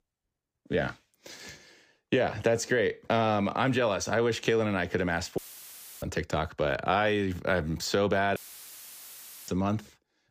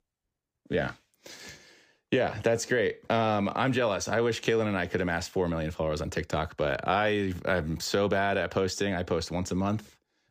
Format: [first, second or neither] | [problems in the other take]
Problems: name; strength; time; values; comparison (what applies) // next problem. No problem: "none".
second | audio cutting out; filled with static; at 5.5 s for 0.5 s and at 8.5 s for 1 s